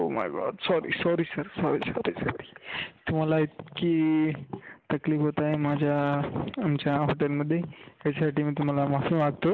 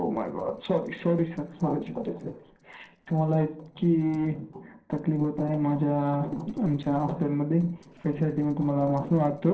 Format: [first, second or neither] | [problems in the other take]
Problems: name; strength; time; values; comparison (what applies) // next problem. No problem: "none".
first | noise reduction (neural separator model SepFormer DNS4)